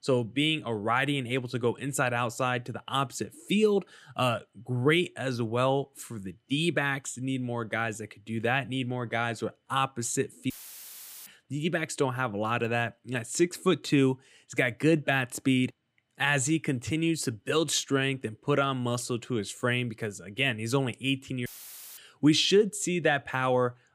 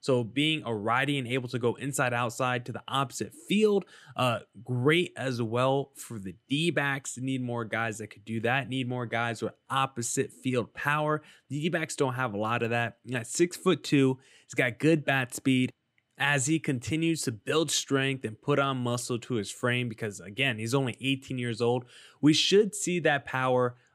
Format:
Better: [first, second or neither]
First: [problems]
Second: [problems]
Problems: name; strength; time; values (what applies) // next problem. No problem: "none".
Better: second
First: audio cutting out; filled with static; at 11 s for 1 s and at 21 s for 0.5 s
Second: none